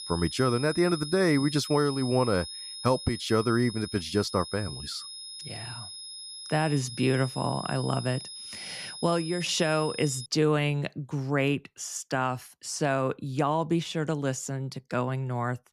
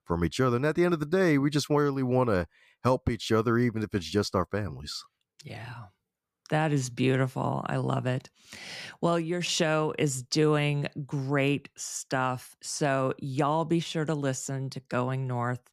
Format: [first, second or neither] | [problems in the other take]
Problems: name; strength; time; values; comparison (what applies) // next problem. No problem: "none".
second | high-pitched whine; loud; until 10 s; 5 kHz, 10 dB below the speech